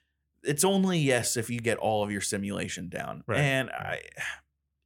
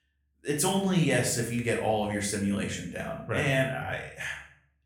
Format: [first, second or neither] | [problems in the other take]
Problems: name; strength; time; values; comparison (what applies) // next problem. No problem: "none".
first | room echo; slight; dies away in 0.5 s // off-mic speech; far